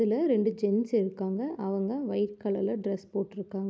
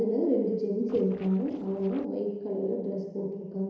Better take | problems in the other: first | noise reduction (neural separator model SepFormer DNS4)

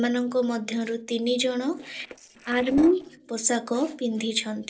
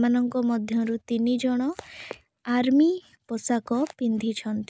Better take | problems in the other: second | noise reduction (neural separator model SepFormer DNS4)

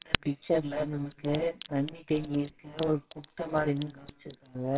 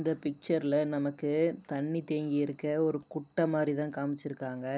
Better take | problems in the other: second | noise reduction (neural separator model SepFormer WHAMR!)

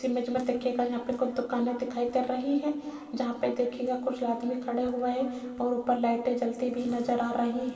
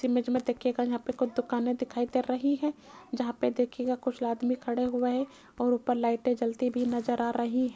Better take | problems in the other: second | room echo; dies away in 2.5 s

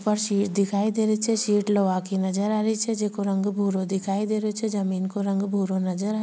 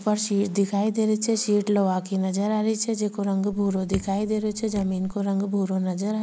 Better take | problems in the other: first | background sound (Raindrop / Drip); 14 dB below the speech

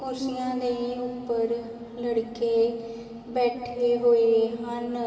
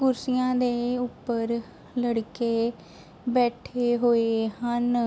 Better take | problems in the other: second | room echo; dies away in 2.8 s

